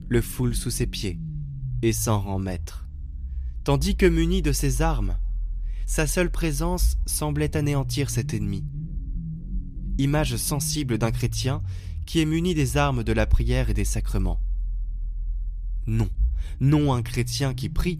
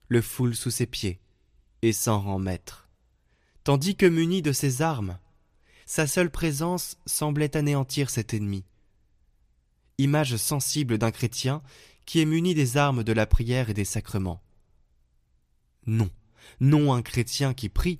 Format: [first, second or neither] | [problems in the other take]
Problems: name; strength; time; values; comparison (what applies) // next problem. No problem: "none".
second | low rumble; noticeable; throughout; 20 dB below the speech